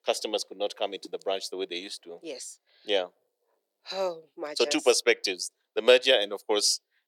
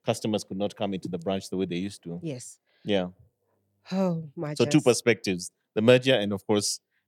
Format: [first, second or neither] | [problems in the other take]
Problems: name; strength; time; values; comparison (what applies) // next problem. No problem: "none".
second | thin; very; fading below 400 Hz